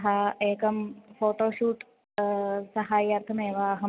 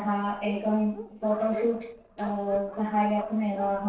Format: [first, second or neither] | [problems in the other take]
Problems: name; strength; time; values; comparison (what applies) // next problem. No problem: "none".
first | noise reduction (neural separator model SepFormer DNS4)